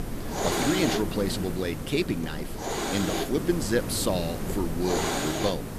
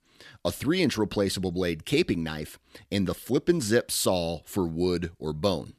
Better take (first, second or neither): second